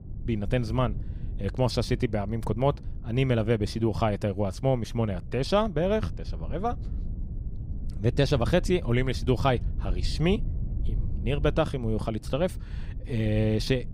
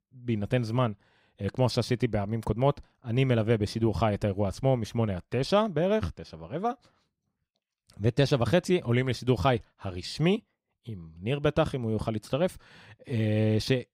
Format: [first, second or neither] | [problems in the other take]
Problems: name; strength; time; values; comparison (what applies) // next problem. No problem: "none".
second | low rumble; faint; throughout; 20 dB below the speech